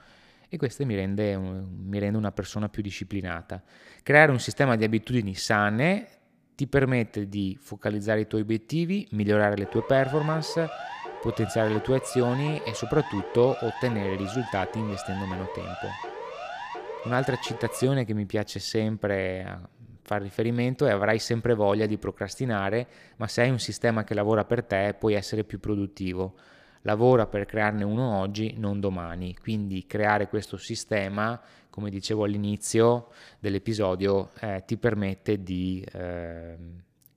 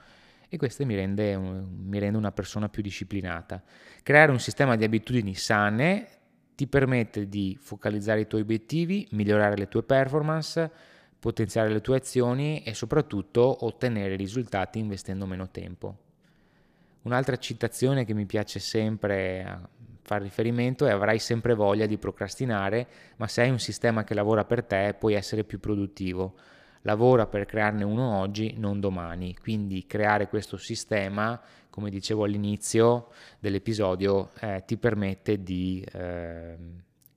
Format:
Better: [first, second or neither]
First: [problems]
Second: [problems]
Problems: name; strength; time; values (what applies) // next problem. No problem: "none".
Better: second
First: siren; noticeable; from 9.5 to 18 s; peak 9 dB below the speech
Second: none